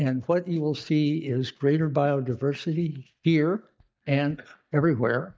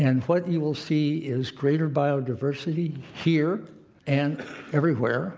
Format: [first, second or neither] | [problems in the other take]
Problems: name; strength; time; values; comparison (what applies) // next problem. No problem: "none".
second | noise reduction (neural mask model DeepFilterNet 3)